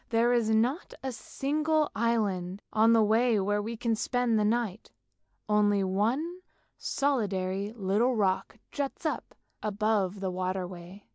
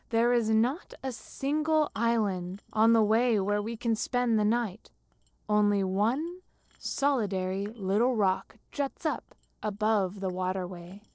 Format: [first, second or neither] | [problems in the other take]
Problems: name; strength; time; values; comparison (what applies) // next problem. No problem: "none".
first | noise reduction (neural separator model SepFormer DNS4)